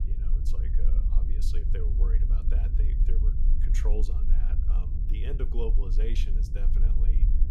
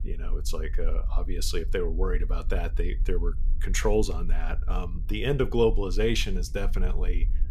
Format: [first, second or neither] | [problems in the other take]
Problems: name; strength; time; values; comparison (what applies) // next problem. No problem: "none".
second | low rumble; loud; throughout; 4 dB below the speech; faint in the second